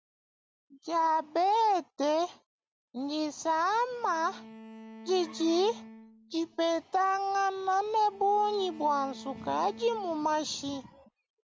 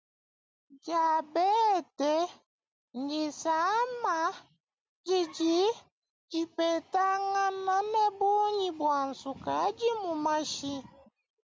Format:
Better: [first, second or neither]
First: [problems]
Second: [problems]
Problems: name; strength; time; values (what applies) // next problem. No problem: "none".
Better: second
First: background sound (Bowed string instrument); 19 dB below the speech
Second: none